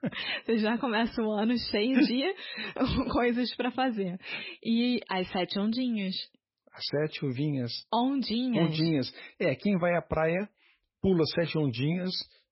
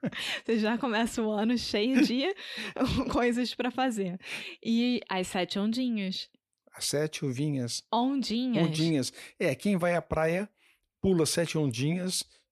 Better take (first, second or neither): second